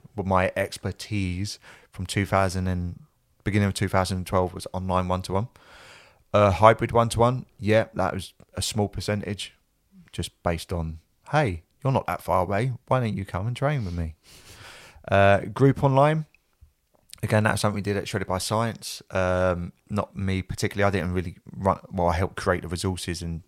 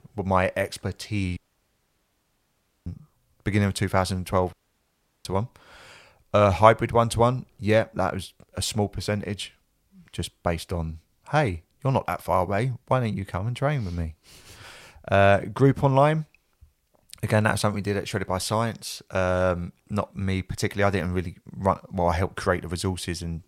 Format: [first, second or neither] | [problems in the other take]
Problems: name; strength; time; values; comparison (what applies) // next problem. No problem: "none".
first | audio cutting out; at 1.5 s for 1.5 s and at 4.5 s for 0.5 s